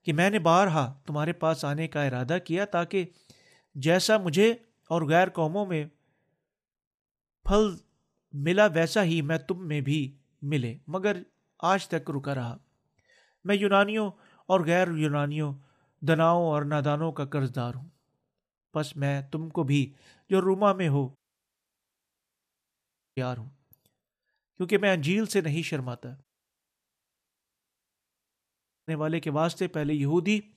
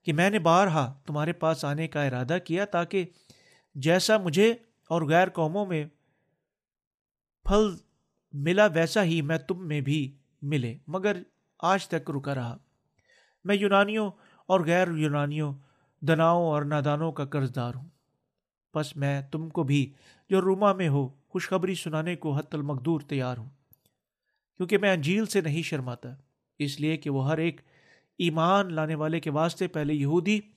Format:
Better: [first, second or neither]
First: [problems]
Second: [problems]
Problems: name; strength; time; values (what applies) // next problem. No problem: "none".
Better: second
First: audio cutting out; at 21 s for 2 s and at 26 s for 2.5 s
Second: none